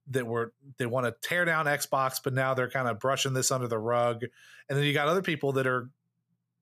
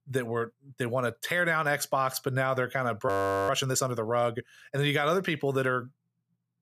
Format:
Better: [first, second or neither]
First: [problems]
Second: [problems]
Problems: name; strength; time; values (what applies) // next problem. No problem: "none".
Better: first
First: none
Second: audio freezing; at 3 s